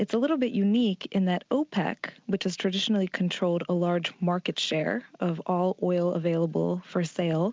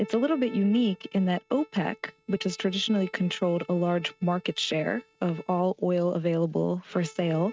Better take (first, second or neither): first